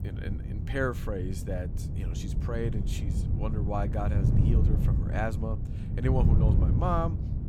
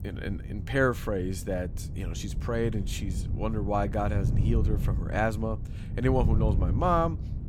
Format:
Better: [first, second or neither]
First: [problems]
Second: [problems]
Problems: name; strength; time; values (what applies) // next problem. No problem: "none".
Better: second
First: wind noise on the microphone; heavy; 6 dB below the speech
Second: wind noise on the microphone; occasional gusts; 15 dB below the speech